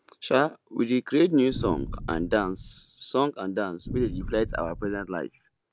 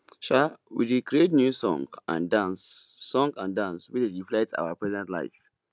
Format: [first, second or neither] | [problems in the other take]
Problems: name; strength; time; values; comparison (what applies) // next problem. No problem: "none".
second | background sound (Boom); 10 dB below the speech